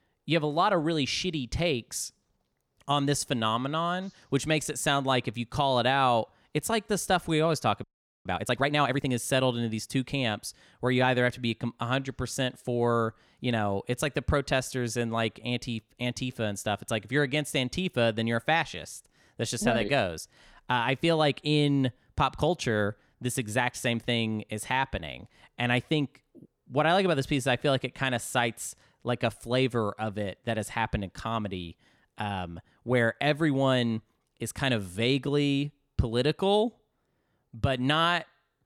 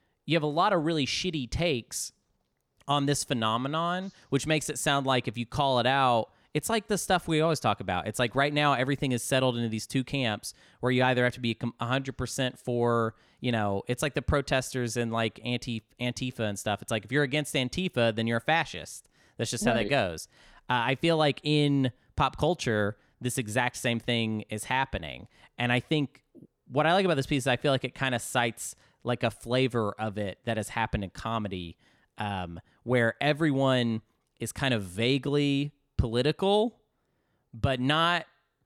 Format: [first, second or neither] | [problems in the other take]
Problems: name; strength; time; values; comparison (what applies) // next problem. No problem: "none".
second | audio freezing; at 8 s